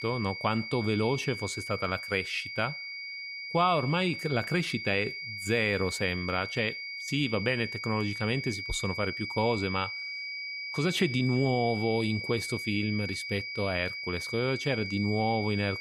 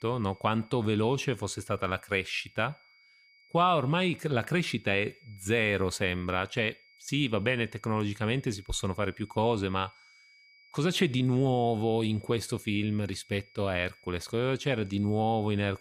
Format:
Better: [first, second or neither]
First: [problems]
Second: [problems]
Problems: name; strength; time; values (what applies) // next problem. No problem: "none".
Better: second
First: high-pitched whine; loud; throughout; 2.5 kHz, 5 dB below the speech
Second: high-pitched whine; faint; throughout; 2.5 kHz, 30 dB below the speech